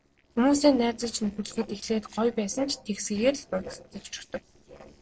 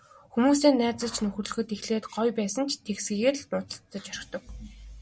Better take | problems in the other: second | noise reduction (neural separator model SepFormer DNS4)

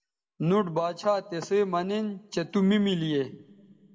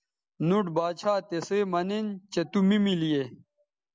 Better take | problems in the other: second | room echo; dies away in 0.5 s

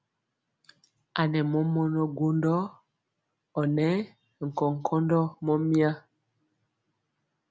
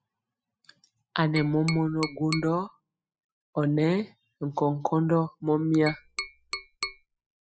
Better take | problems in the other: first | noise reduction (classical method spectral subtraction)

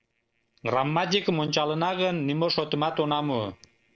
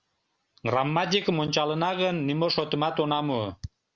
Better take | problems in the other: second | noise reduction (neural separator model SepFormer DNS4)

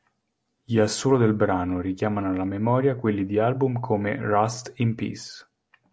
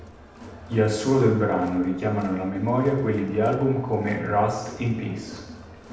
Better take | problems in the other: first | background sound (Crowd); 18 dB below the speech // room echo; dies away in 0.9 s

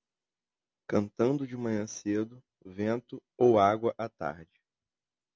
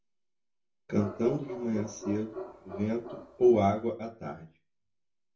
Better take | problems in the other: first | background sound (Bark); 11 dB below the speech // room echo; dies away in 0.3 s

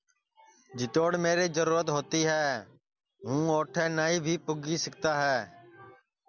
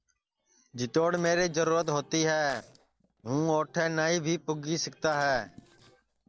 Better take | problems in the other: first | noise reduction (neural separator model SepFormer DNS4)

